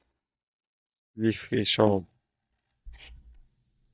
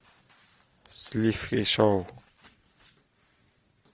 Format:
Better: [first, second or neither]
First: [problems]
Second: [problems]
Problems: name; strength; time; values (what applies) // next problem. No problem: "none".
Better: second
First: noise reduction (neural mask model DeepFilterNet 3)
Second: none